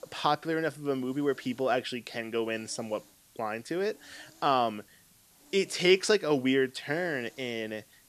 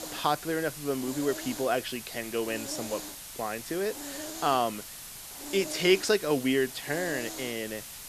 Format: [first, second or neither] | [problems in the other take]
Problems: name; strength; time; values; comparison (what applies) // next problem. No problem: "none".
first | hiss; loud; throughout; 9 dB below the speech; faint in the first